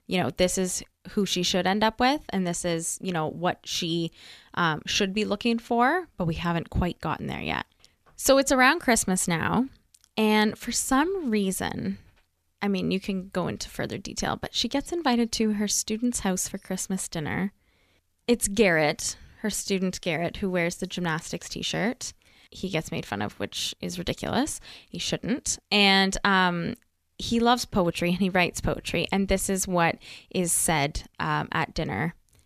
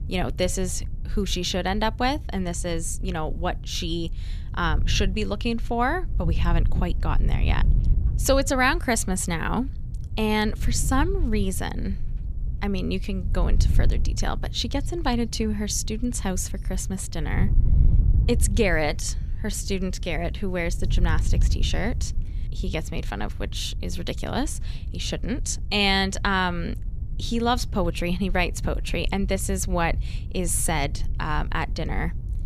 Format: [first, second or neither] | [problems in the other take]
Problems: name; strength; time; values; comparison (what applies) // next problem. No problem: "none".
first | wind noise on the microphone; occasional gusts; 20 dB below the speech